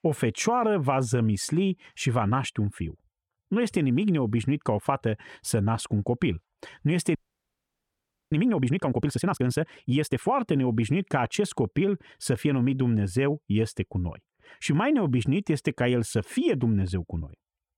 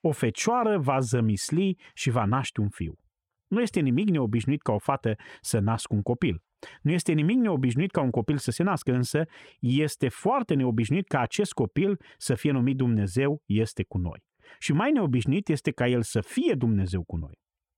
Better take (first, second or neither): second